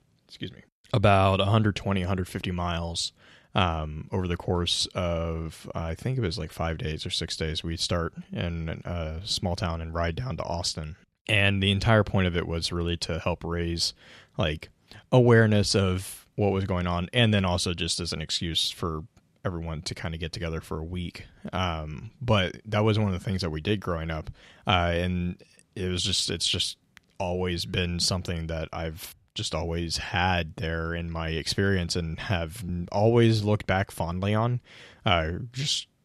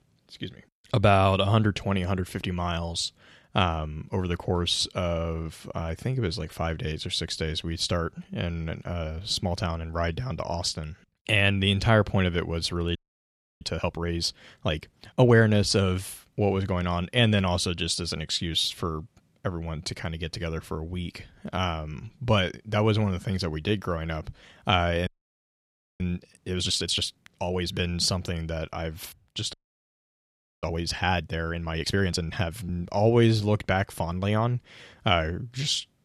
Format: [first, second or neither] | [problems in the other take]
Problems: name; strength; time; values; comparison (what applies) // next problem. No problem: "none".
first | audio freezing; at 13 s for 0.5 s, at 25 s for 1 s and at 30 s for 1 s